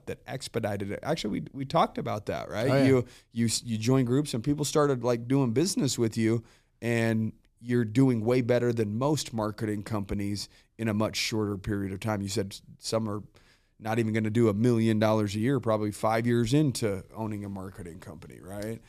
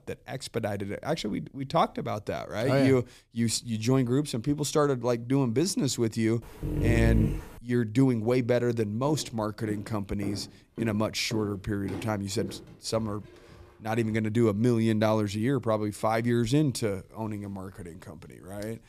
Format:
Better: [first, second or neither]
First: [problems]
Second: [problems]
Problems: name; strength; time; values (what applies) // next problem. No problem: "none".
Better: first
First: none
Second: dog barking; loud; at 6.5 s; peak 2 dB above the speech // footsteps; faint; from 9 to 14 s; peak 10 dB below the speech